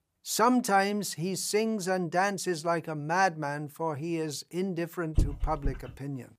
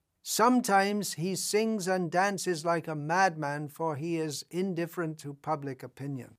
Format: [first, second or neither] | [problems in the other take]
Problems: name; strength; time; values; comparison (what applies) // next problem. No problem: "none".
second | dog barking; noticeable; at 5 s; peak 2 dB below the speech